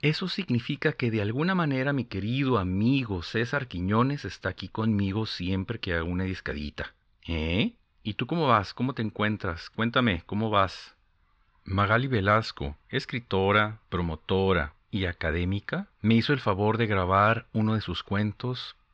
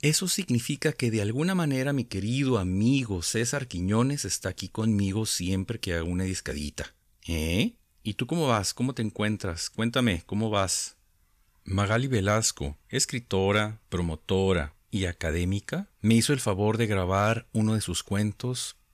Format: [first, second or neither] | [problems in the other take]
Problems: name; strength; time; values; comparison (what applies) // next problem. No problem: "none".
second | muffled; slightly; fading above 4 kHz